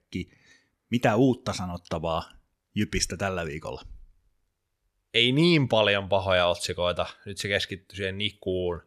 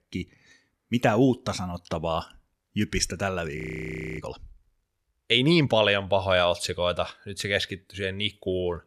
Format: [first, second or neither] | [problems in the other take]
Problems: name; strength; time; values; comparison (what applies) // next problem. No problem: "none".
first | audio freezing; at 3.5 s for 0.5 s